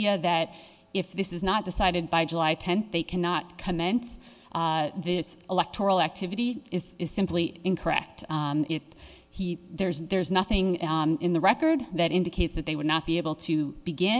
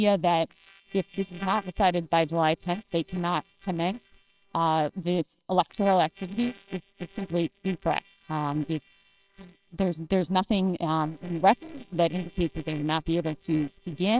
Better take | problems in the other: first | noise reduction (neural separator model SepFormer WHAMR!)

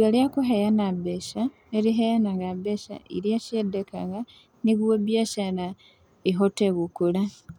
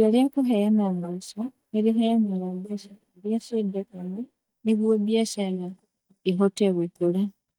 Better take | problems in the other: first | noise reduction (neural mask model DeepFilterNet 3)

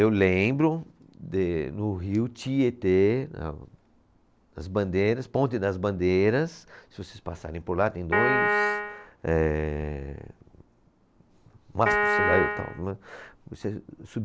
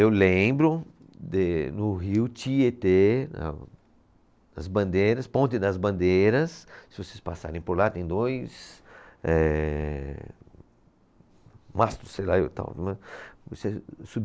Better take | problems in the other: second | background sound (Piano); 3 dB above the speech

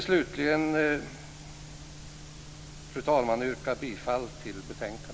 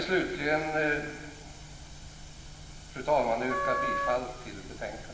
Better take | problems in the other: first | background sound (Wind instrument, woodwind instrument); 2 dB below the speech // room echo; dies away in 1.4 s

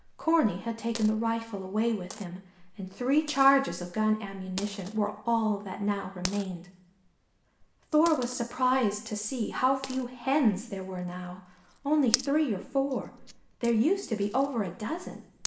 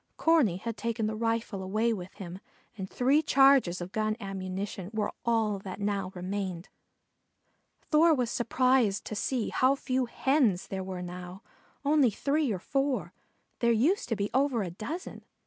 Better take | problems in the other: second | background sound (Coin (dropping)); 16 dB below the speech // room echo; dies away in 0.7 s

